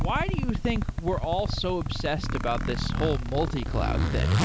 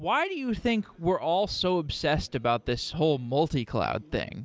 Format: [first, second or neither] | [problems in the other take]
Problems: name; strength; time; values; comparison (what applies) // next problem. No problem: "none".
second | background sound (Zipper (clothing)); 2 dB above the speech